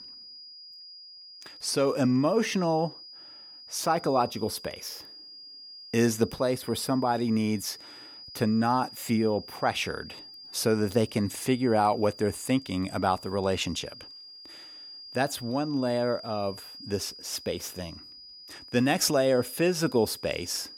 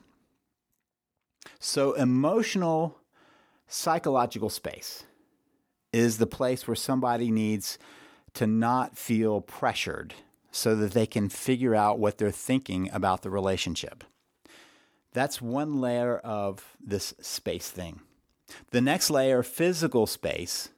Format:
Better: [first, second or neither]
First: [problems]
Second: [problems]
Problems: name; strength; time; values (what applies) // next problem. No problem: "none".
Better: second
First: high-pitched whine; noticeable; throughout; 5 kHz, 15 dB below the speech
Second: none